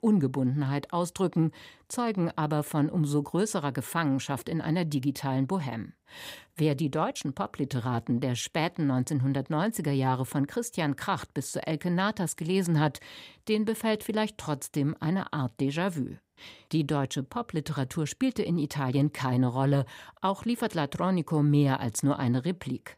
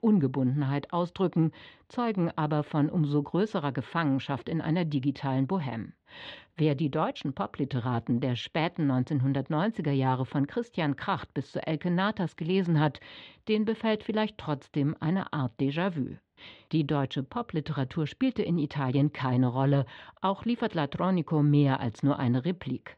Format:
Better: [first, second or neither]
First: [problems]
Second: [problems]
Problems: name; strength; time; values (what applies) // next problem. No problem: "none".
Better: first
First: none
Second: muffled; slightly; fading above 3.5 kHz